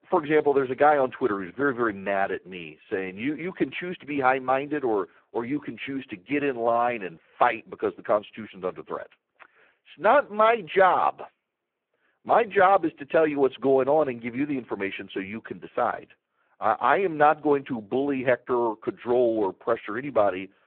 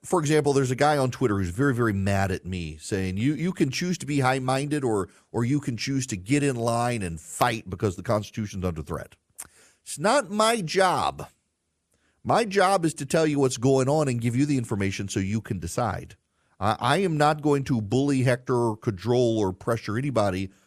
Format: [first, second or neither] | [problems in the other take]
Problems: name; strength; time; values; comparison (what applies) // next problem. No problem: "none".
second | phone-call audio; poor line